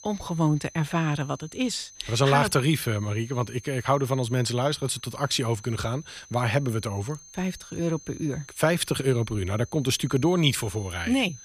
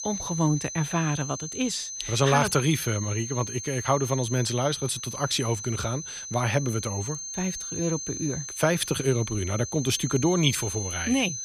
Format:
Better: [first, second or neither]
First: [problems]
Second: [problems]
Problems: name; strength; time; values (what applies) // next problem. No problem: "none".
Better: first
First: high-pitched whine; faint; throughout; 6.5 kHz, 20 dB below the speech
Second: high-pitched whine; loud; throughout; 6.5 kHz, 6 dB below the speech